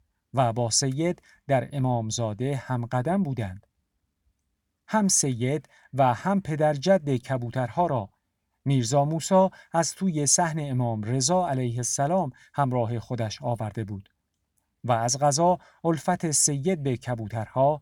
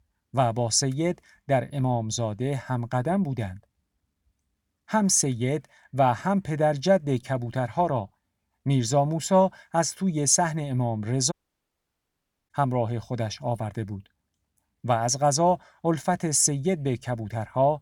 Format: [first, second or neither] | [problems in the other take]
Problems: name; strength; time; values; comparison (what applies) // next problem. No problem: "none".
first | audio cutting out; at 11 s for 1 s